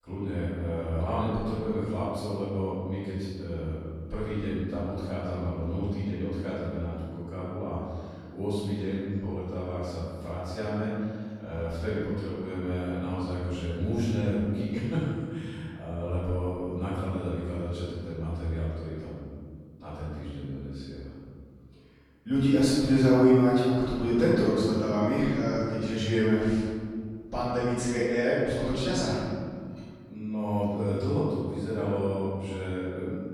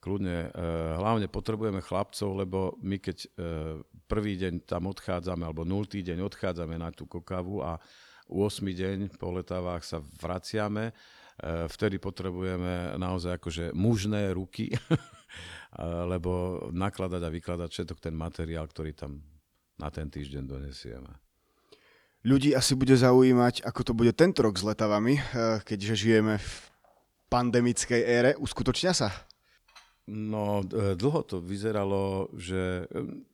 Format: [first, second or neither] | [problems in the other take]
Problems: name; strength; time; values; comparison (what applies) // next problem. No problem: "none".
second | off-mic speech; far // room echo; strong; dies away in 2.2 s